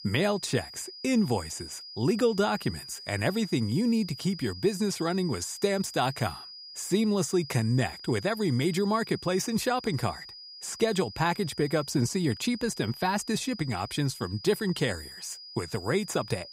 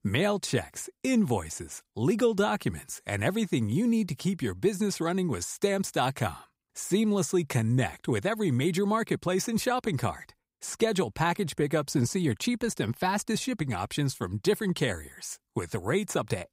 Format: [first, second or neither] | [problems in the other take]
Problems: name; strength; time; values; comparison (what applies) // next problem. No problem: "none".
second | high-pitched whine; noticeable; throughout; 5 kHz, 15 dB below the speech